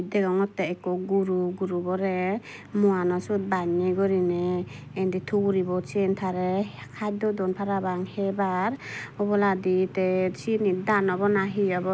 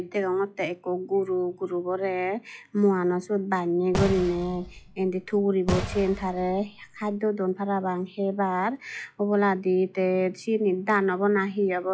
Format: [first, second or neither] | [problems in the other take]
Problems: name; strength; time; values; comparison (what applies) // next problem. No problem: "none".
first | noise reduction (classical method log-MMSE)